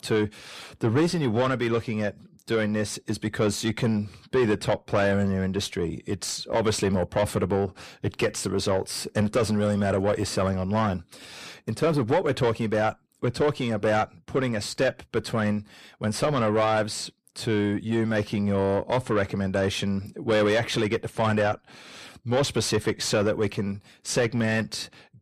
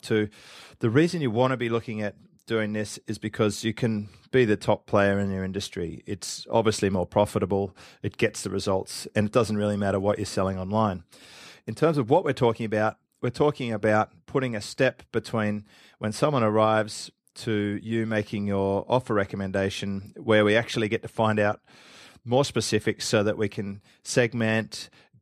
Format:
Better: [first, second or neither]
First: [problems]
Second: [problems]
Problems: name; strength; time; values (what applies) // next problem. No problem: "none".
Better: second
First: distortion; heavy; 8 dB below the speech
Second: none